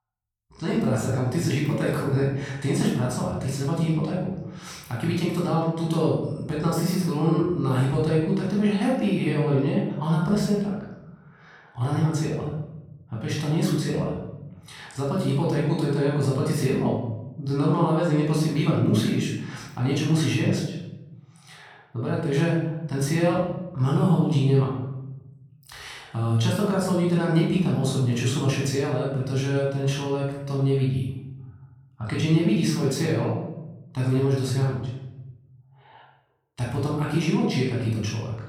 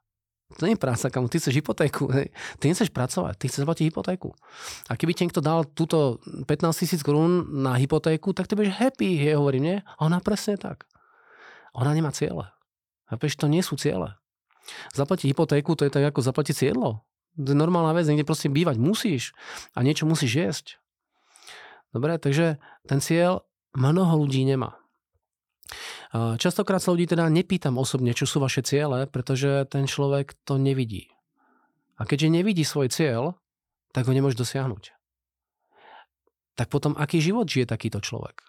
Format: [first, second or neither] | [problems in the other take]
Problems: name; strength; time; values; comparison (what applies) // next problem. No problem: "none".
second | off-mic speech; far // room echo; noticeable; dies away in 0.9 s